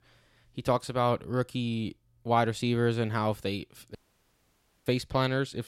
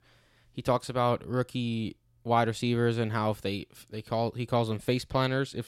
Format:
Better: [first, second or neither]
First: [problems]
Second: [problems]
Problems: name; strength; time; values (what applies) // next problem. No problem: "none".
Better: second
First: audio cutting out; at 4 s for 1 s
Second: none